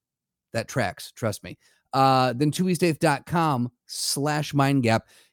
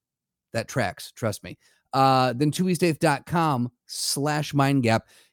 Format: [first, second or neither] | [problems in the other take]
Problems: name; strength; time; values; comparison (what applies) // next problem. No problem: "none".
neither | none